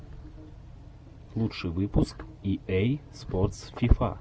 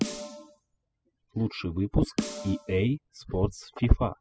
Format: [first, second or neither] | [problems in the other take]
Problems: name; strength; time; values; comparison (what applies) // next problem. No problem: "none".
first | noise reduction (classical method spectral subtraction)